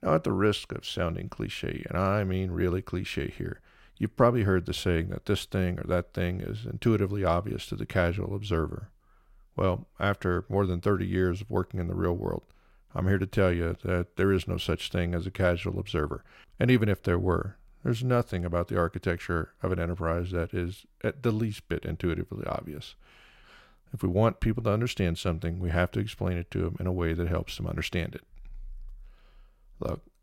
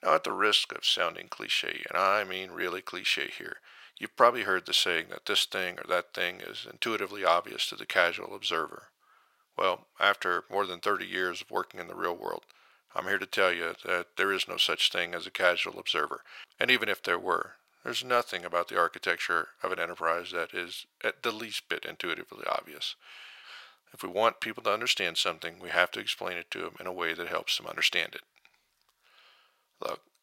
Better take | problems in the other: first | thin; very; fading below 750 Hz

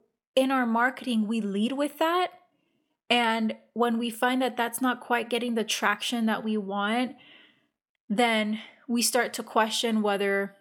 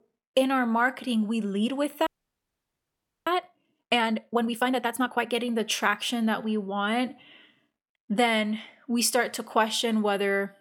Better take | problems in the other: first | audio freezing; at 2 s for 1 s

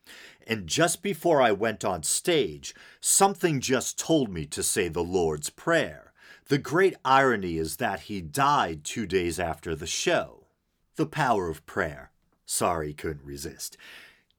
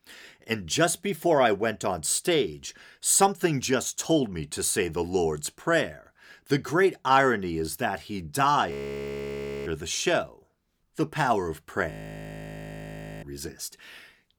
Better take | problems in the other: first | audio freezing; at 8.5 s for 1 s and at 12 s for 1.5 s

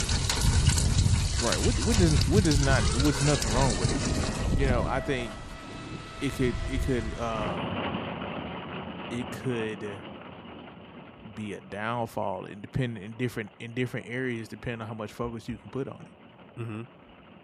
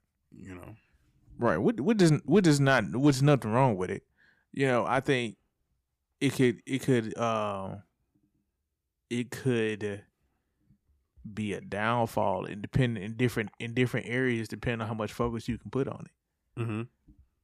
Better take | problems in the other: second | rain or running water; very loud; throughout; 2 dB above the speech

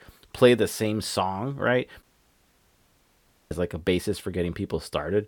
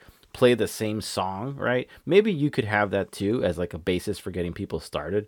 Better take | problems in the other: second | audio cutting out; at 2 s for 1.5 s

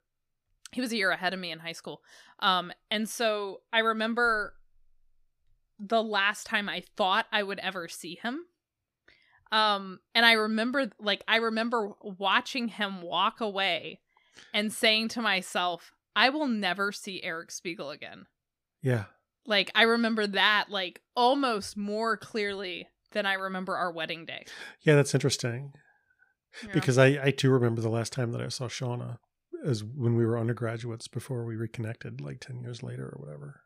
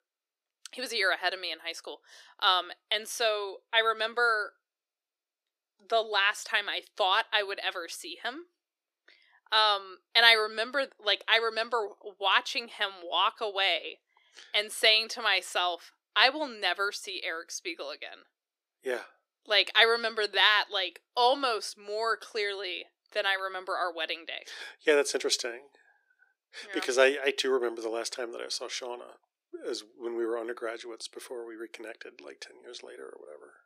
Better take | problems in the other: first | thin; very; fading below 350 Hz

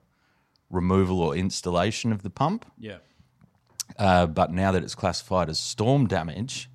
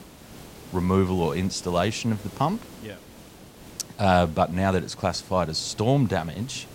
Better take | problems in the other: first | hiss; noticeable; throughout; 20 dB below the speech

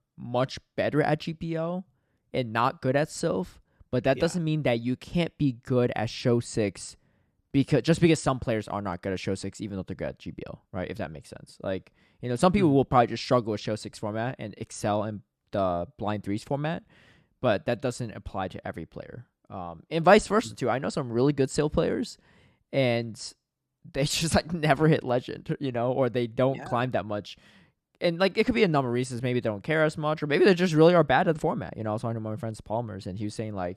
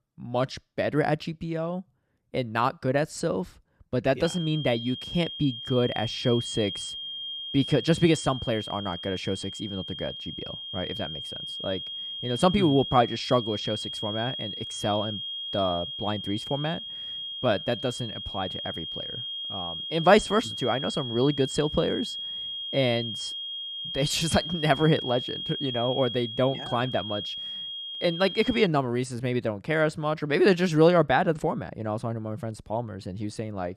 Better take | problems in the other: first | high-pitched whine; loud; from 4 to 29 s; 3.5 kHz, 6 dB below the speech

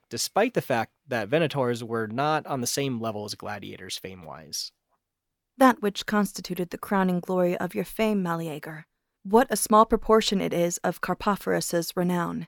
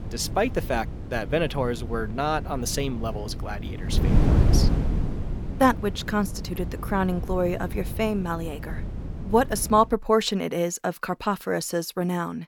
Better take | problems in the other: first | wind noise on the microphone; occasional gusts; until 10 s; 15 dB below the speech

